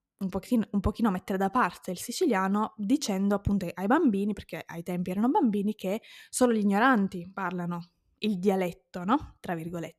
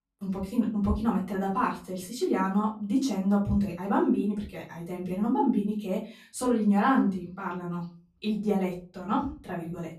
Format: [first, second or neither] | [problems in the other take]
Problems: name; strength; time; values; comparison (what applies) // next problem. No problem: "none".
first | off-mic speech; far // room echo; slight; dies away in 0.3 s